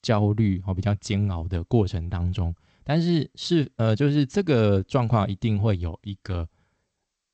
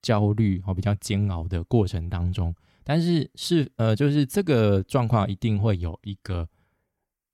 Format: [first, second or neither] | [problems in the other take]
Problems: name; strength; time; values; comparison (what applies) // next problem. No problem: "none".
second | garbled, watery; slightly; nothing above 7.5 kHz